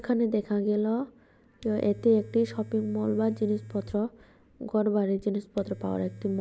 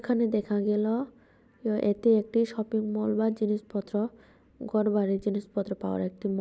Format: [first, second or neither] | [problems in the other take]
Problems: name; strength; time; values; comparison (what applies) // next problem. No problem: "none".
second | background sound (Domestic sounds, home sounds); 19 dB below the speech